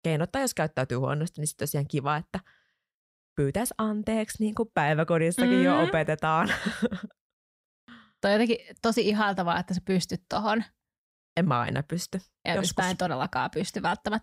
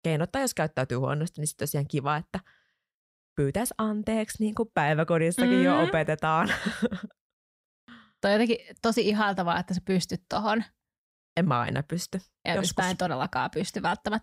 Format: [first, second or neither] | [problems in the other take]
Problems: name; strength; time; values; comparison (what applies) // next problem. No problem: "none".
neither | none